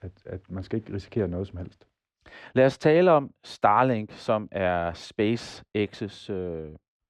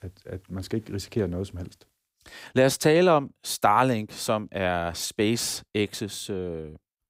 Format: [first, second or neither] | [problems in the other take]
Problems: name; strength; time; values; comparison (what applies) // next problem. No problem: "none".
second | muffled; slightly; fading above 3 kHz